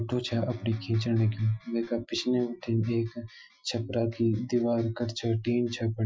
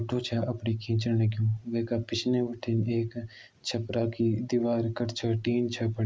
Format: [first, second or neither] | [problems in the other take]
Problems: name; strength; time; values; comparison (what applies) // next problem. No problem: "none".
second | noise reduction (classical method Wiener filter)